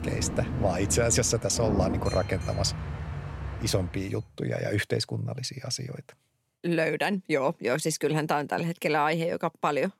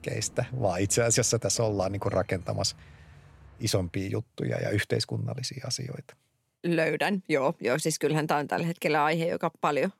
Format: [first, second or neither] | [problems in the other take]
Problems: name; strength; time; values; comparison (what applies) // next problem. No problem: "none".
second | train or aircraft noise; loud; until 3.5 s; 6 dB below the speech; faint in the second